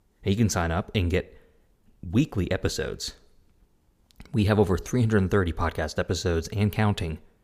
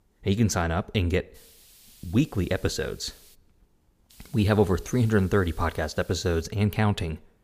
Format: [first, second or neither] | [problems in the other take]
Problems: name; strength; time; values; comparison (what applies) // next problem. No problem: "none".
first | hiss; faint; from 1.5 to 3.5 s and from 4 to 6.5 s; 25 dB below the speech